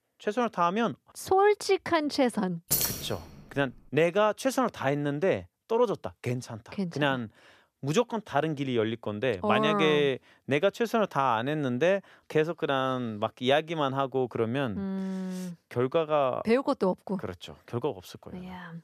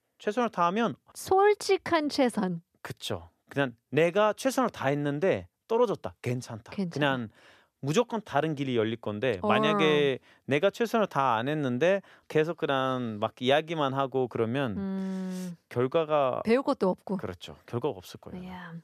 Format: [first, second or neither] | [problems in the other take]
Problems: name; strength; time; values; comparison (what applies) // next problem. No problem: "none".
second | jangling keys; loud; at 2.5 s; peak 2 dB above the speech